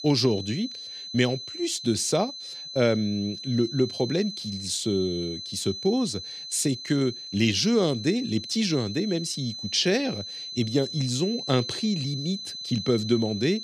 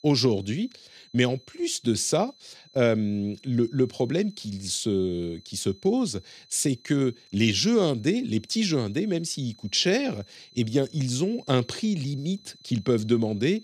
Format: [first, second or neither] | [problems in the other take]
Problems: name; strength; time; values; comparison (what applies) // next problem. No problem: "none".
second | high-pitched whine; loud; throughout; 4 kHz, 8 dB below the speech; faint in the second